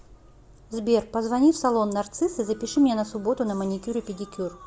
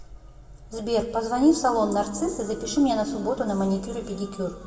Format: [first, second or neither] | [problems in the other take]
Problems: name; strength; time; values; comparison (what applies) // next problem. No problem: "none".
first | room echo; dies away in 1.8 s